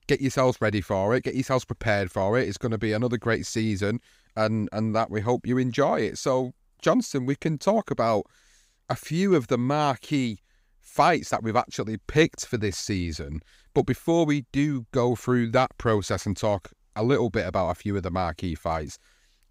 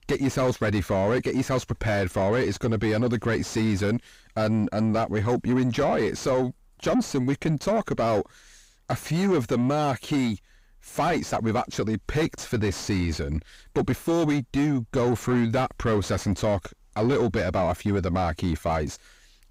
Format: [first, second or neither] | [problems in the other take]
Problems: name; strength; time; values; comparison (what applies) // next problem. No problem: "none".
first | distortion; heavy; 7 dB below the speech